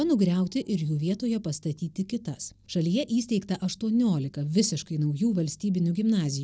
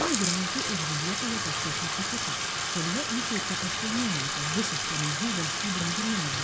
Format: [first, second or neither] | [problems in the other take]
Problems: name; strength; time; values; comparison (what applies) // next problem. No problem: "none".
first | background sound (Bathtub (filling or washing)); 3 dB above the speech